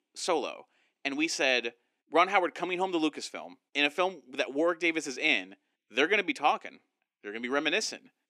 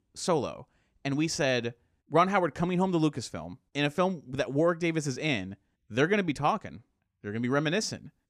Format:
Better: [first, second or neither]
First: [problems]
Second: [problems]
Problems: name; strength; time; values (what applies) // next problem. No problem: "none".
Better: second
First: thin; somewhat; fading below 300 Hz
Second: none